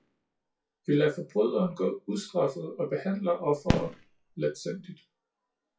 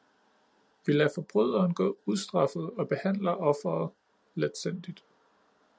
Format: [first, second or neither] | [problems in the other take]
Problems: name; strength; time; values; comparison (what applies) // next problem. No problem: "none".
second | noise reduction (classical method WPE with log-MMSE)